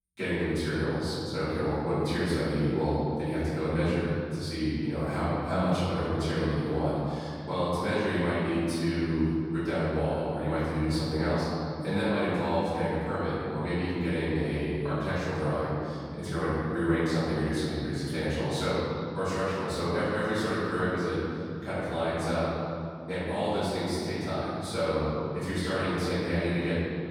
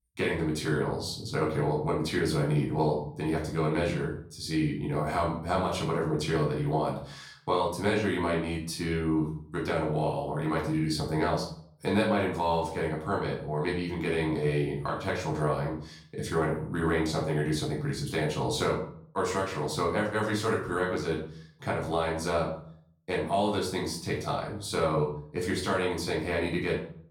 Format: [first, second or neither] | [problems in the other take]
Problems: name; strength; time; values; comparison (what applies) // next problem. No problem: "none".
second | room echo; strong; dies away in 2.8 s; slight in the second // off-mic speech; far; far in the second